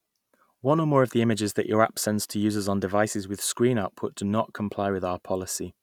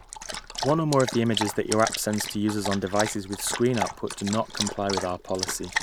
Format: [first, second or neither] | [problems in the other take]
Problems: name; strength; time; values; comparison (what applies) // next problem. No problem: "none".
first | background sound (Dog); 7 dB below the speech